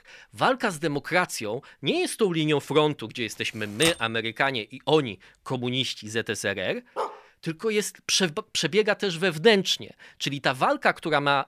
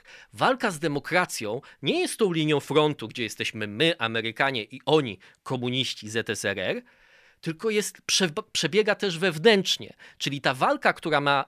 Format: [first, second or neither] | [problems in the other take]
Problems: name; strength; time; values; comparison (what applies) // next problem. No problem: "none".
second | keyboard typing; noticeable; at 4 s; peak 5 dB below the speech // dog barking; noticeable; at 7 s; peak 8 dB below the speech